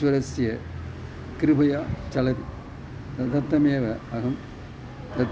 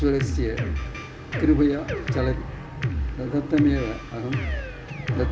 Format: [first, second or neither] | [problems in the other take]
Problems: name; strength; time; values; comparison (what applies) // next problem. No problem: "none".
first | background sound (Drum kit); 3 dB below the speech // room echo; dies away in 0.8 s